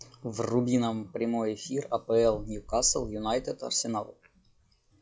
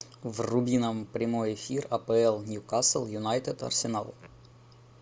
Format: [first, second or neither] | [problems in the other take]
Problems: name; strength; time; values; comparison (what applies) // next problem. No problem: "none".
second | noise reduction (classical method log-MMSE)